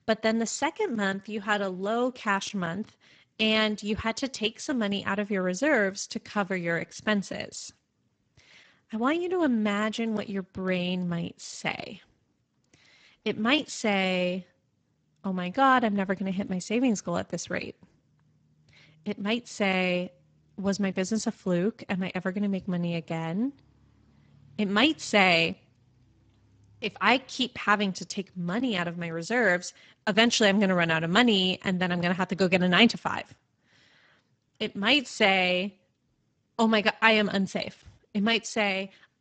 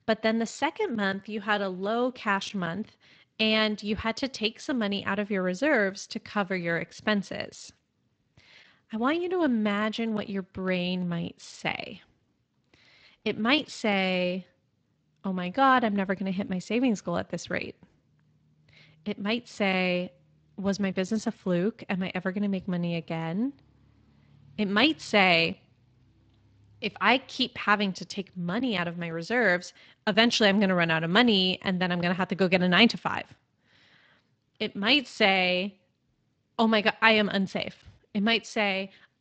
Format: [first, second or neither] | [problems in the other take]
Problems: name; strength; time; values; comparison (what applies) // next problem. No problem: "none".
second | garbled, watery; badly; nothing above 7.5 kHz; slightly in the second